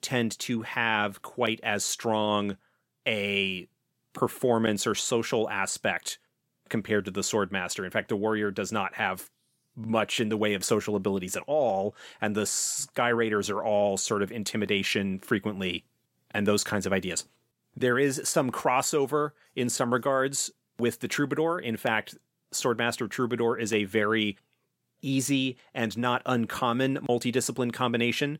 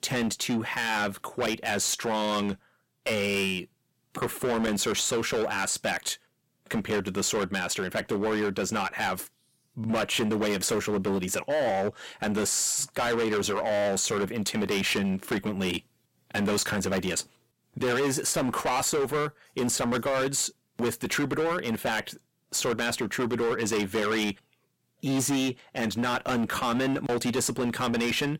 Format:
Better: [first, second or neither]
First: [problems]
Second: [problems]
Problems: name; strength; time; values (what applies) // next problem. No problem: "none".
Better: first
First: none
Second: distortion; heavy; 17% of the sound clipped